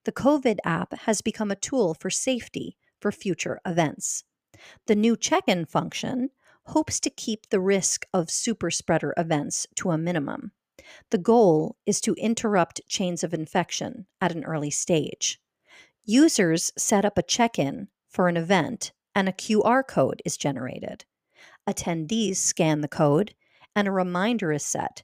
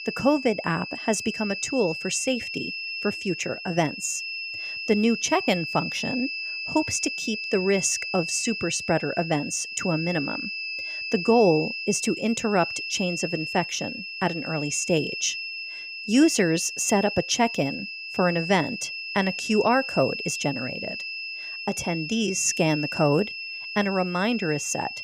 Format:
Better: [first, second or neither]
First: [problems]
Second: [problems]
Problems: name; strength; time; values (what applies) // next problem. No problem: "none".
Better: first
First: none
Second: high-pitched whine; loud; throughout; 2.5 kHz, 6 dB below the speech